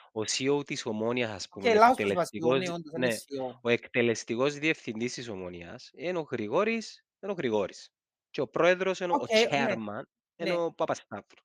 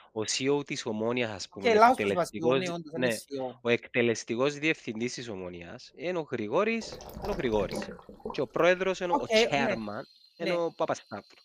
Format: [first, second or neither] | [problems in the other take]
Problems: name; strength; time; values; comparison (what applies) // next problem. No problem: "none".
first | rain or running water; noticeable; throughout; 15 dB below the speech